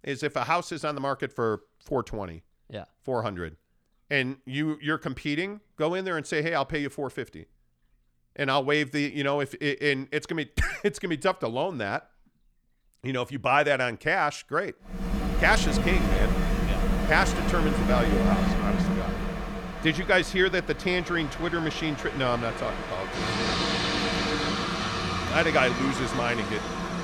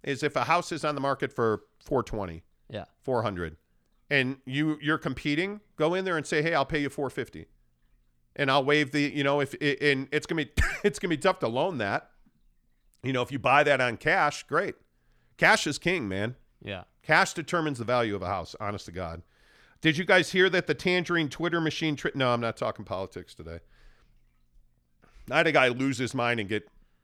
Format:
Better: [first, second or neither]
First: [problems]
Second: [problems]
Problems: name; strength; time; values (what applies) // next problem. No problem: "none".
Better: second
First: train or aircraft noise; loud; from 15 s on; 1 dB below the speech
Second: none